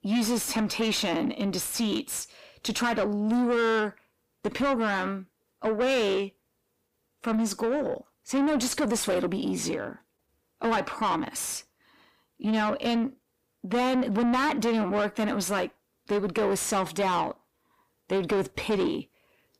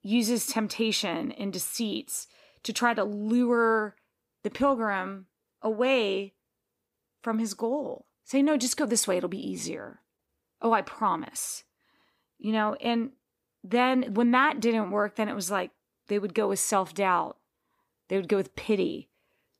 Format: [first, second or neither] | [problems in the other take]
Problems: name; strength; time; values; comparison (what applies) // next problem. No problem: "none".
second | distortion; heavy; 7 dB below the speech